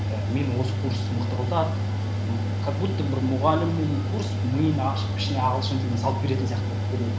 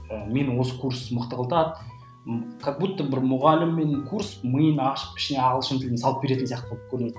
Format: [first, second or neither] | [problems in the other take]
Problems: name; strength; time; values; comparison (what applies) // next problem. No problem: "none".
second | background sound (Mechanical fan); 2 dB above the speech